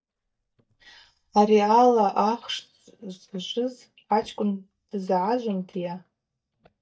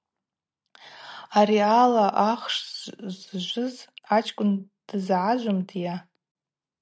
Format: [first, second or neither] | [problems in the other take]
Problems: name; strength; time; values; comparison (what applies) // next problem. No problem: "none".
second | noise reduction (neural mask model DeepFilterNet 3)